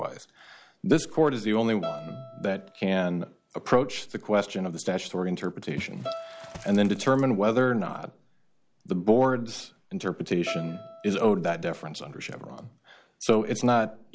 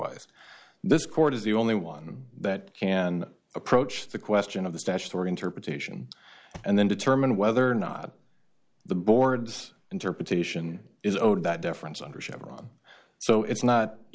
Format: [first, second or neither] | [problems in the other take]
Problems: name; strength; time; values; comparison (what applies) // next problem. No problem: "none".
second | background sound (Bowed string instrument + Water / Splash, splatter); 16 dB below the speech